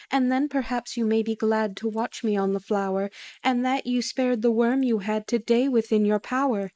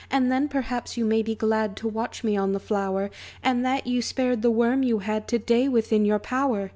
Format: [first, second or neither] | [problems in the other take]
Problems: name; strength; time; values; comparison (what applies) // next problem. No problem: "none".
second | noise reduction (neural mask model Resemble Enhance denoiser)